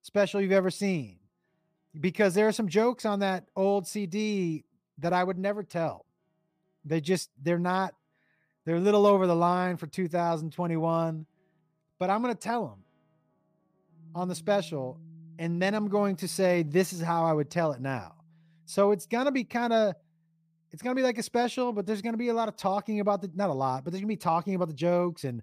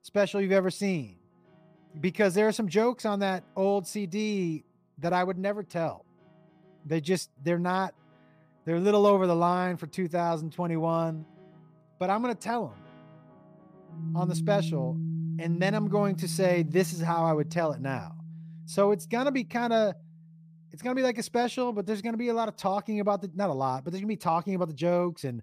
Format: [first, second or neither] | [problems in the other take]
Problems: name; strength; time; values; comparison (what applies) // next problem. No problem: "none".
first | background music; loud; throughout; 7 dB below the speech; faint in the first